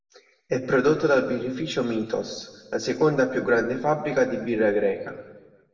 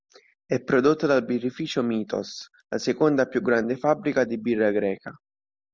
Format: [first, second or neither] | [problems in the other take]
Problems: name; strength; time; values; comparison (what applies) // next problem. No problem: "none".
second | room echo; dies away in 1.3 s